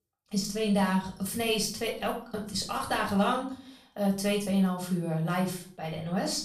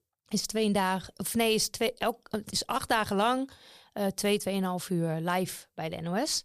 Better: second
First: off-mic speech; far // room echo; slight; dies away in 0.4 s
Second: none

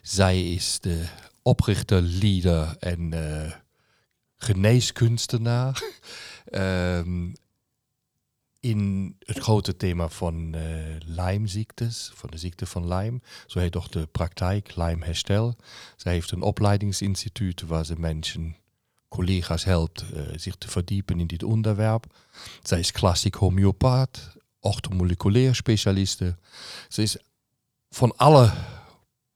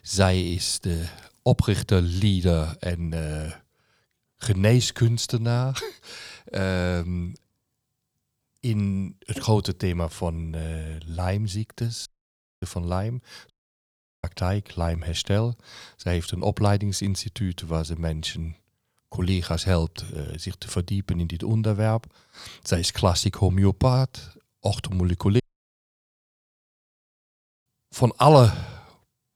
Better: first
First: none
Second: audio cutting out; at 12 s for 0.5 s, at 14 s for 0.5 s and at 25 s for 2.5 s

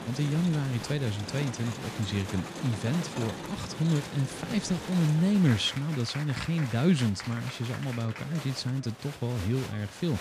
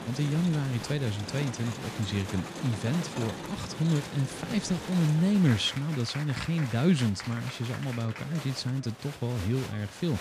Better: neither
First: crowd noise; loud; throughout; 10 dB below the speech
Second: crowd noise; loud; throughout; 10 dB below the speech

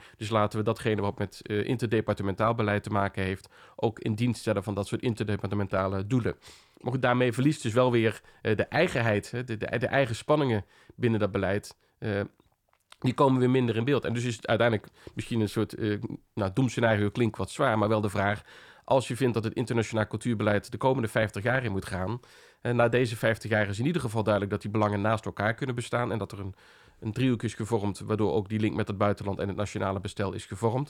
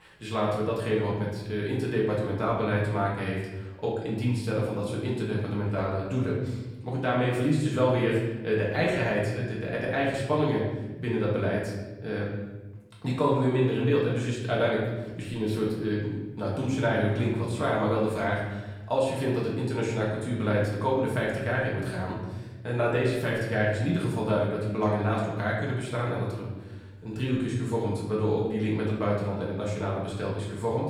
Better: first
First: none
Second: off-mic speech; far // room echo; noticeable; dies away in 1.1 s

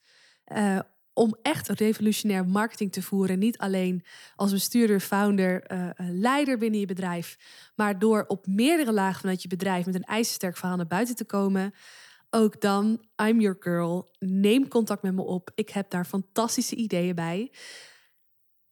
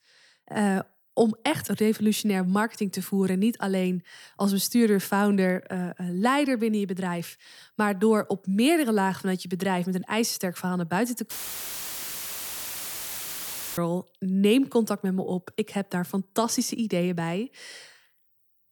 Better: first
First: none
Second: audio cutting out; filled with static; at 11 s for 2.5 s

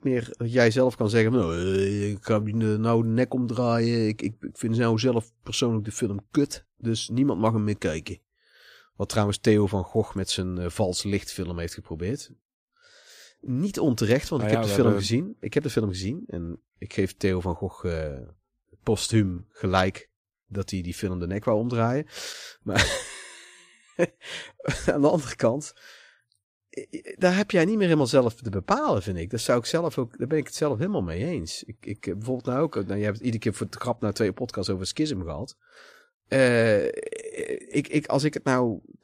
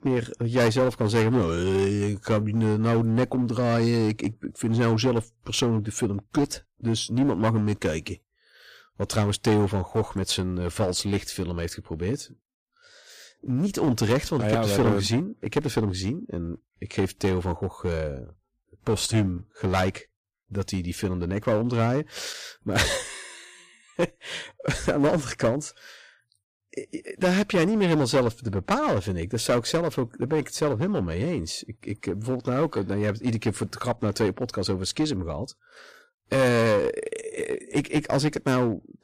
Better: first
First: none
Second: distortion; slight; 7% of the sound clipped

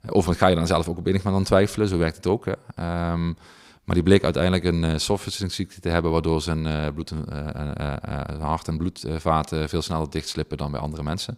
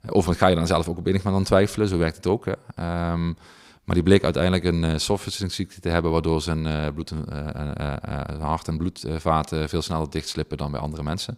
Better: neither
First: none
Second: none

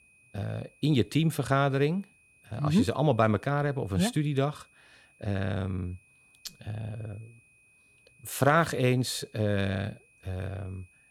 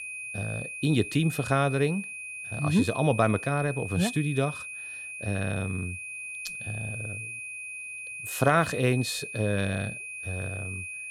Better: first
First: high-pitched whine; faint; throughout; 2.5 kHz, 30 dB below the speech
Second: high-pitched whine; loud; throughout; 2.5 kHz, 8 dB below the speech

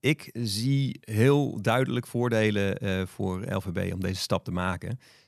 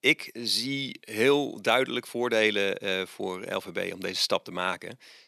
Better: first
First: none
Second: thin; somewhat; fading below 400 Hz

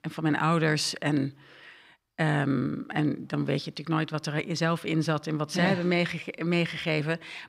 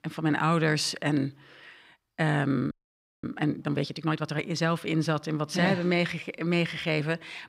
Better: first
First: none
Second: audio freezing; at 2.5 s for 0.5 s

